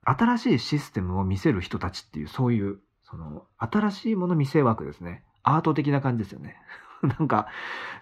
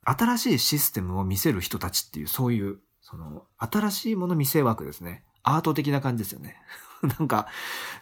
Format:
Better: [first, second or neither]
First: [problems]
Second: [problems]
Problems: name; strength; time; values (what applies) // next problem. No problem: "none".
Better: second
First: muffled; slightly; fading above 2.5 kHz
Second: none